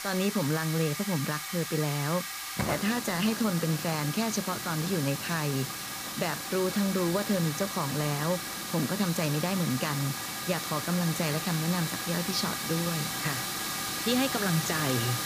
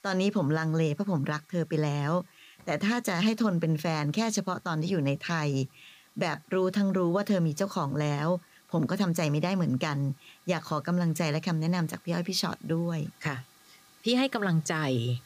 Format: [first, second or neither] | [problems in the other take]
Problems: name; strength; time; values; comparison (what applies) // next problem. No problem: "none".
second | hiss; loud; throughout; 2 dB below the speech; faint in the second